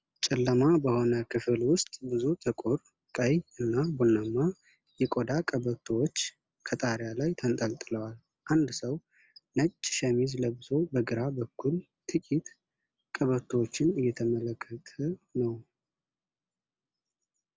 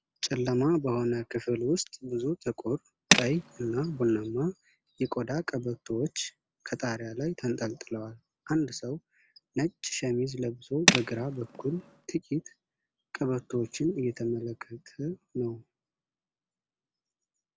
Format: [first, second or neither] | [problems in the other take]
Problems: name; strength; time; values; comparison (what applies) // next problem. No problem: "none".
first | background sound (Tools); 3 dB above the speech